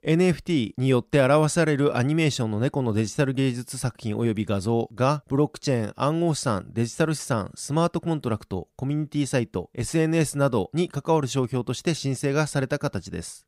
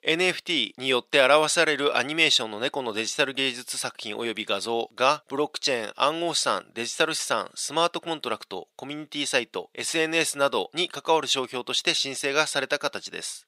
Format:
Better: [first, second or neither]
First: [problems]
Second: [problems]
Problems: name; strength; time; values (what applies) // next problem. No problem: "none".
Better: first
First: none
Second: thin; very; fading below 500 Hz